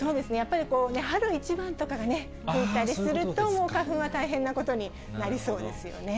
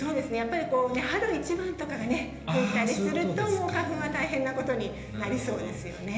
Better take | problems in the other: first | room echo; dies away in 1 s

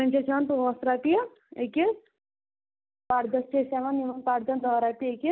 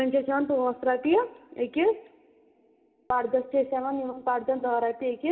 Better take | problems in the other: first | room echo; dies away in 1 s

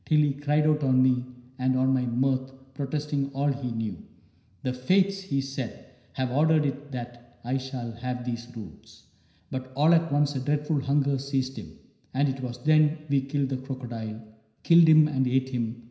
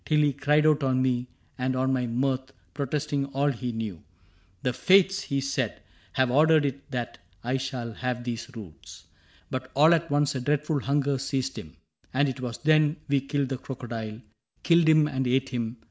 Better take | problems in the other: second | room echo; dies away in 0.9 s

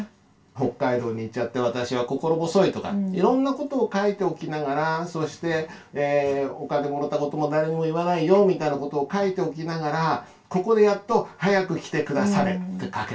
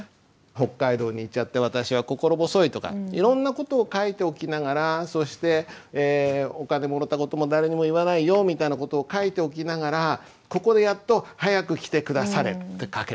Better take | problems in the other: second | room echo; dies away in 0.2 s

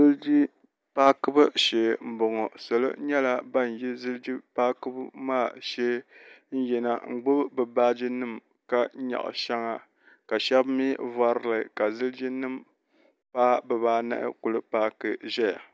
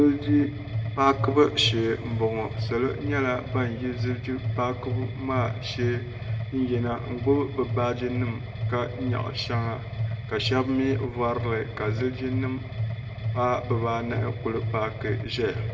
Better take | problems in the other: first | background sound (Mechanisms); 3 dB below the speech // room echo; dies away in 1.4 s

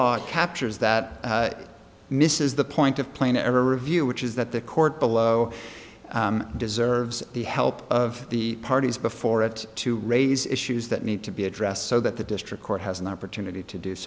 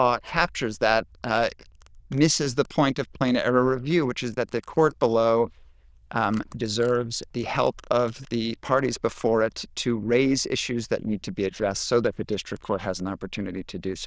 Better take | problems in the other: first | noise reduction (neural diffusion model UNIVERSE++)

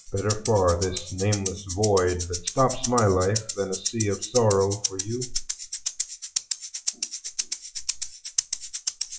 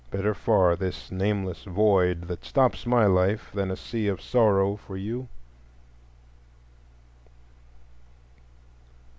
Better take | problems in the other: second | noise reduction (classical method WPE with log-MMSE)

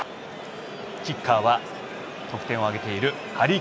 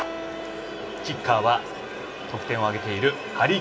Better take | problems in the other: first | background sound (Acoustic guitar); 15 dB below the speech // room echo; dies away in 0.2 s

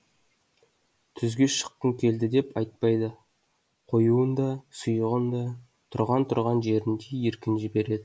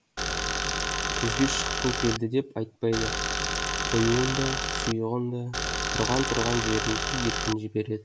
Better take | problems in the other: first | background sound (Tools); 1 dB above the speech

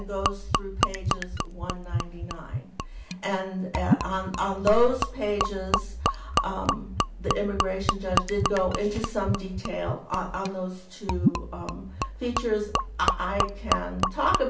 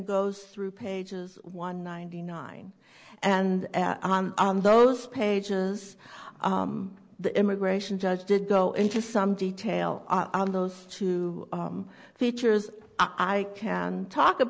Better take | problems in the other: second | background sound (Gurgling / Liquid); as loud as the speech // room echo; dies away in 0.3 s

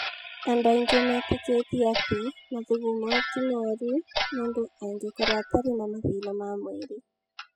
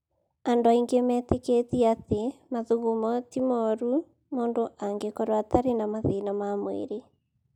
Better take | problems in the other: second | noise reduction (classical method spectral subtraction)

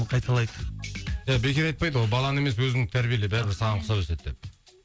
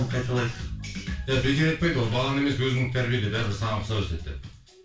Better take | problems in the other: first | room echo; dies away in 0.3 s

